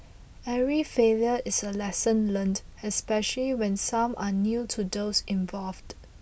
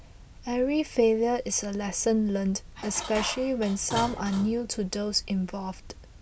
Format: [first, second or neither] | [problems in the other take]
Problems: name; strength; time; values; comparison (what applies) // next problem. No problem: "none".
first | background sound (Dishes, pots, and pans); 12 dB below the speech